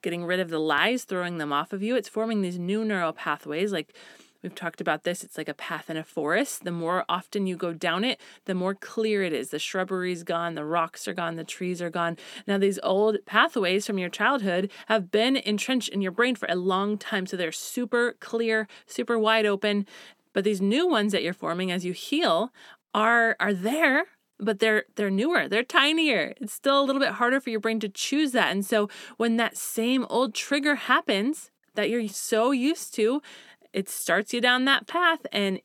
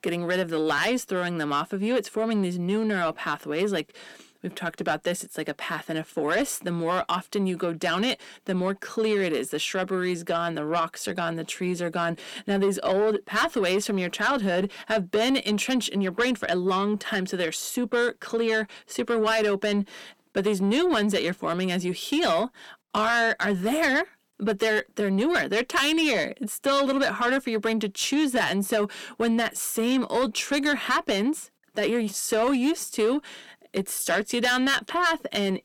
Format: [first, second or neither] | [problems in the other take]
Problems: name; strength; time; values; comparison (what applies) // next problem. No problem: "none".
first | distortion; slight; 10 dB below the speech